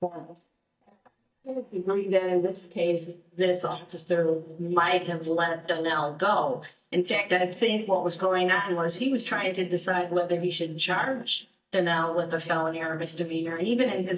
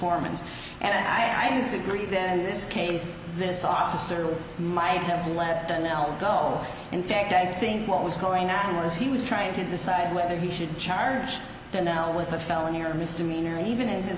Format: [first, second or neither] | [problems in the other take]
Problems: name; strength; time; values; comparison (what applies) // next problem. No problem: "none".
second | noise reduction (neural mask model DeepFilterNet 3)